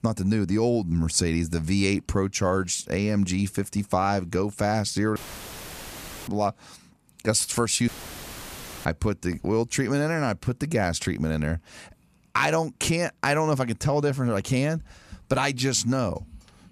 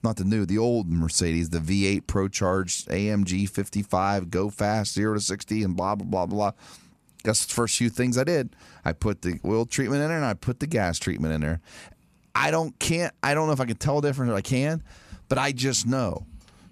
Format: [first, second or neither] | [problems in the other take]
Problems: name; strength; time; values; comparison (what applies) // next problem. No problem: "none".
second | audio cutting out; filled with static; at 5 s for 1 s and at 8 s for 1 s